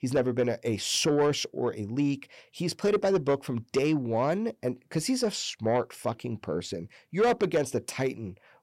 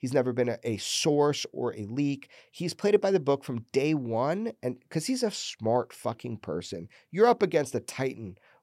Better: second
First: distortion; slight; 10 dB below the speech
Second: none

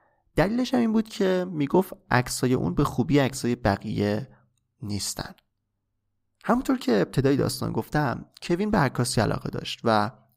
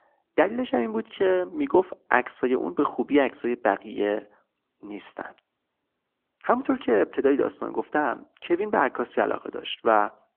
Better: first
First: none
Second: phone-call audio; nothing above 3.5 kHz

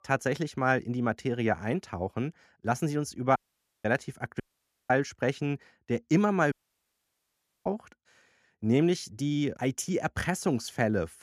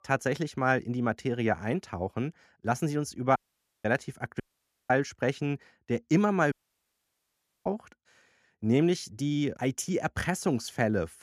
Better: neither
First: audio cutting out; at 3.5 s, at 4.5 s and at 6.5 s for 1 s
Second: audio cutting out; at 3.5 s, at 4.5 s and at 6.5 s for 1 s

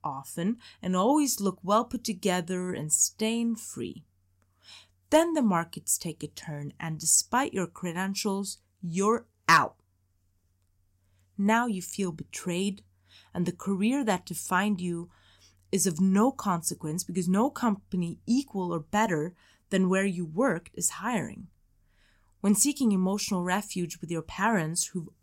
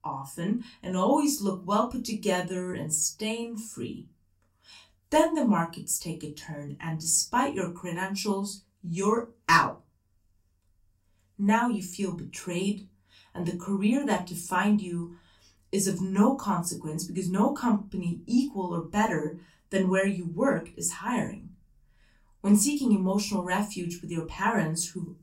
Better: first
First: none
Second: off-mic speech; far // room echo; very slight; dies away in 0.2 s

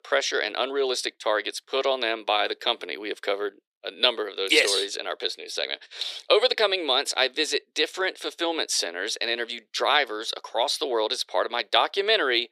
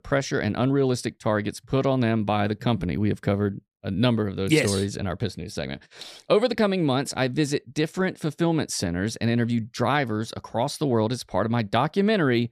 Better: second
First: thin; very; fading below 400 Hz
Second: none

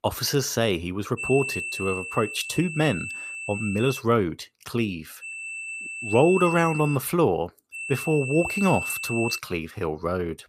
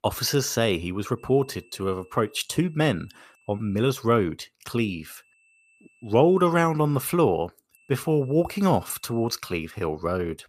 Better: second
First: high-pitched whine; loud; from 1 to 4 s, from 5 to 7 s and from 7.5 to 9.5 s; 2.5 kHz, 6 dB below the speech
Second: high-pitched whine; faint; from 1 to 4 s, from 5 to 7 s and from 7.5 to 9.5 s; 2.5 kHz, 35 dB below the speech

